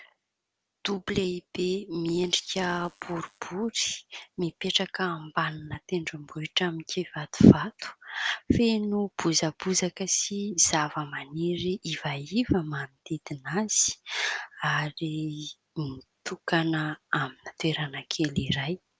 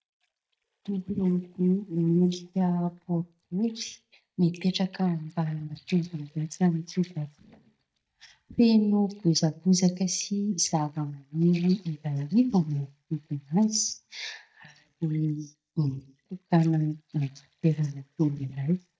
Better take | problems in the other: first | noise reduction (neural mask model DeepFilterNet 3)

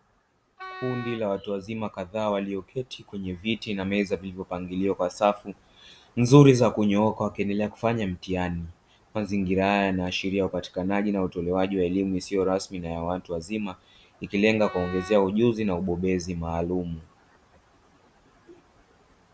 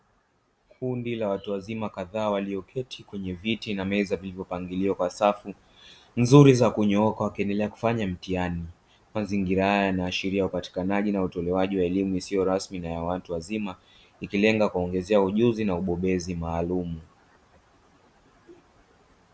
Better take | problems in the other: second | background sound (Wind instrument, woodwind instrument); 16 dB below the speech

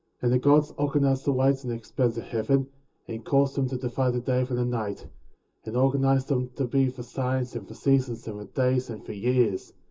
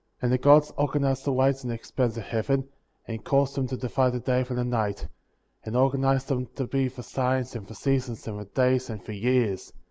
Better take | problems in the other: second | room echo; dies away in 0.2 s

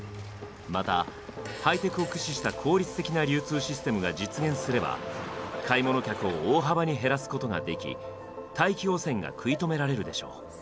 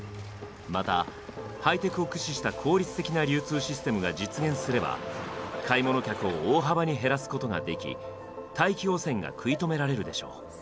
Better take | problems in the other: second | background sound (Fart); 18 dB below the speech

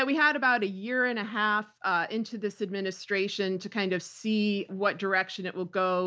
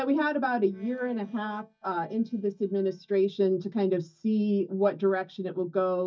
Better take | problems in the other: first | noise reduction (neural mask model DeepFilterNet 3)

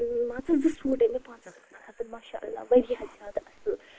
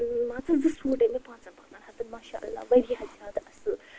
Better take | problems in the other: second | noise reduction (neural mask model Resemble Enhance denoiser)

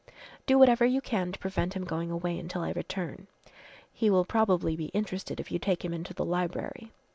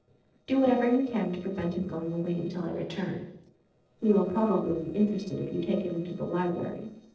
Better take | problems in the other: first | noise reduction (neural separator model SepFormer DNS4)

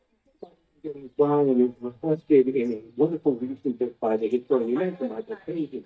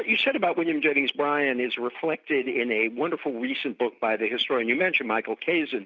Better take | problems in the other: second | noise reduction (neural mask model DeepFilterNet 3)

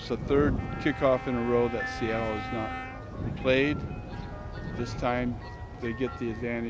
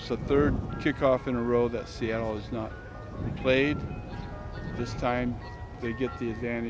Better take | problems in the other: second | background sound (Wind instrument, woodwind instrument + Marimba, xylophone); 11 dB below the speech

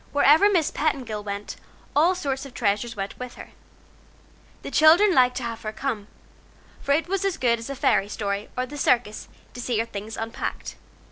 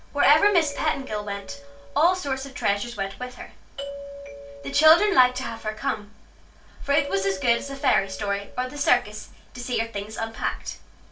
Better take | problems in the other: first | background sound (Doorbell); 13 dB below the speech // room echo; dies away in 0.3 s

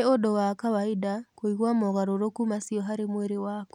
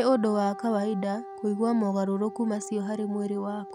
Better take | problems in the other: first | background sound (Wind instrument, woodwind instrument); 14 dB below the speech

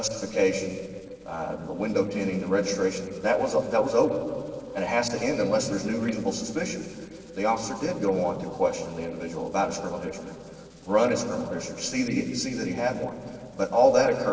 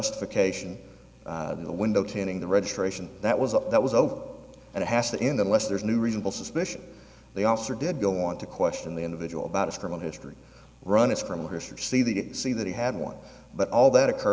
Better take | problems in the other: second | noise reduction (neural separator model SepFormer DNS4)

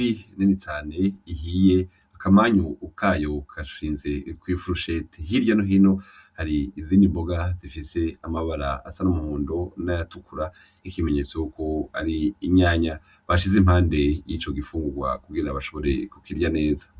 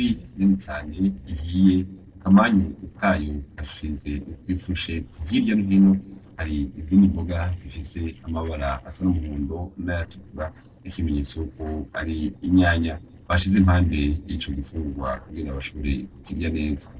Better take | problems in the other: first | noise reduction (neural separator model SepFormer DNS4)

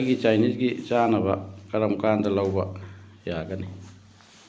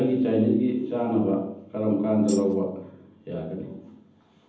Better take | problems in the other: first | background sound (Tambourine); 16 dB below the speech // room echo; dies away in 0.8 s

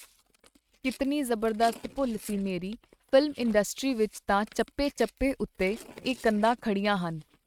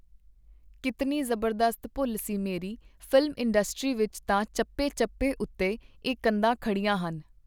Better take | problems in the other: second | noise reduction (neural mask model RNNoise)

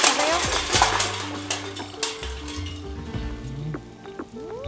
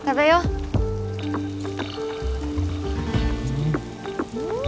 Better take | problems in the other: second | background sound (Crushing); 4 dB above the speech

